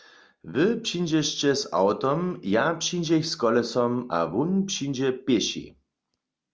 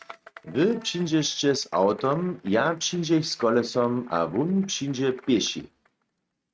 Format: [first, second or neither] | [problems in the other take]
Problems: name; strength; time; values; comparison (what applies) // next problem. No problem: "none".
first | noise reduction (neural mask model RNNoise)